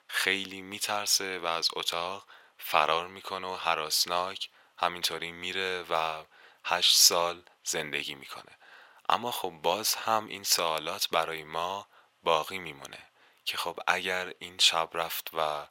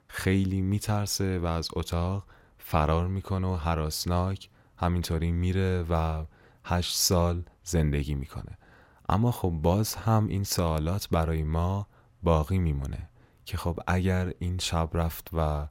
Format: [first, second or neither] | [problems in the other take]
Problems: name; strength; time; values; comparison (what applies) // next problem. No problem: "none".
second | thin; very; fading below 700 Hz